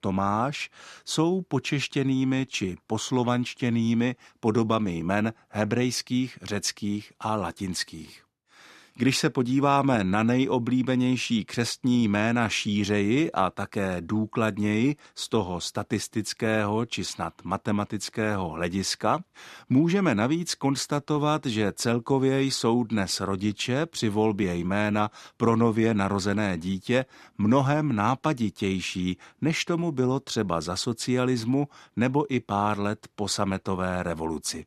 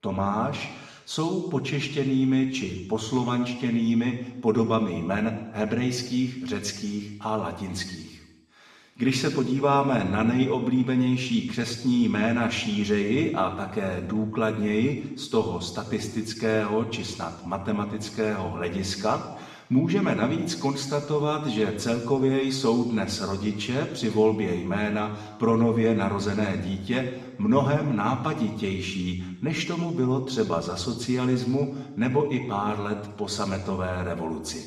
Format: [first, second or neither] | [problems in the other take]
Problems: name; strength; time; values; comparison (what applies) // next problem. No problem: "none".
first | room echo; noticeable; dies away in 1 s // off-mic speech; somewhat distant